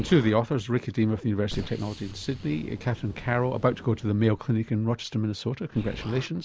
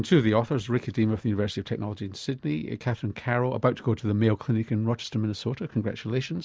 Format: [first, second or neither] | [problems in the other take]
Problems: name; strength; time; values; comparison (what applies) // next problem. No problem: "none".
second | background sound (Explosion); 16 dB below the speech